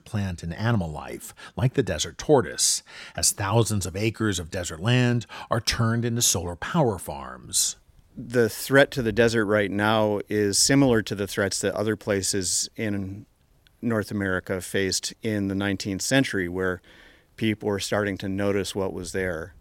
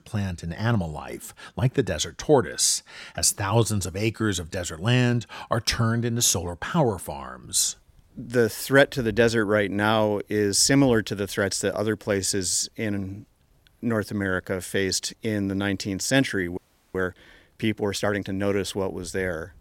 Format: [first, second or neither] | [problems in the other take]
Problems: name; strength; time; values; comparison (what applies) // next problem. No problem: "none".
first | audio freezing; at 17 s